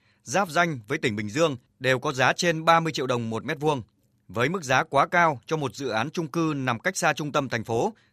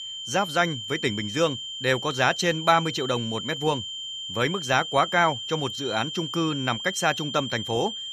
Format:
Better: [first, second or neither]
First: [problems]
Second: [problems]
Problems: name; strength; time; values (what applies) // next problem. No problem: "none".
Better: first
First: none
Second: high-pitched whine; loud; throughout; 3 kHz, 6 dB below the speech